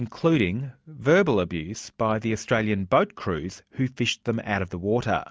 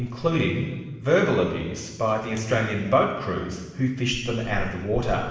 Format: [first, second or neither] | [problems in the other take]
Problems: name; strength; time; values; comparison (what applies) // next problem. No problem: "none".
first | background sound (Chewing, mastication); 14 dB below the speech // room echo; dies away in 1.2 s